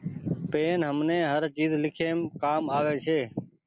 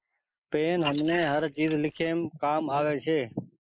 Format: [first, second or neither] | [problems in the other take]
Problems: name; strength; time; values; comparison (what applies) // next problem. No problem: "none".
first | noise reduction (neural mask model Resemble Enhance denoiser)